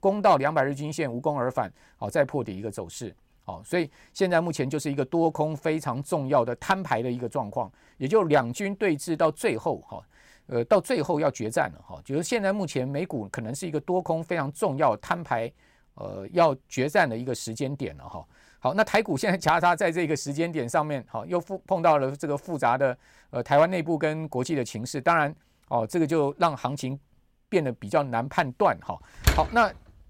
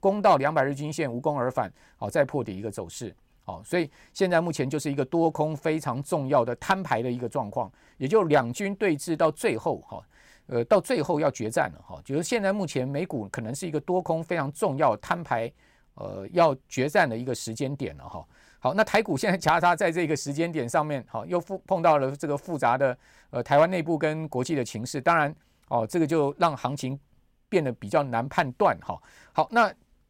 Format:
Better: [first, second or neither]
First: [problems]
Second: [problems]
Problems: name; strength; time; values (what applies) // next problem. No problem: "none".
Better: second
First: door banging; loud; at 29 s; peak level with the speech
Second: none